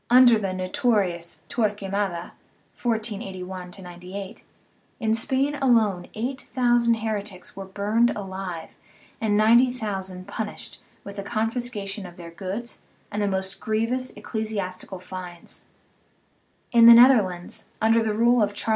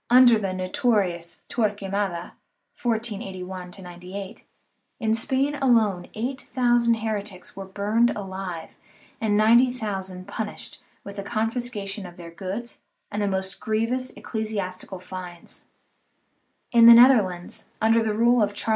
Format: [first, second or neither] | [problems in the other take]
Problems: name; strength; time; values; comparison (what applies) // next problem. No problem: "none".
first | noise reduction (neural mask model Resemble Enhance denoiser)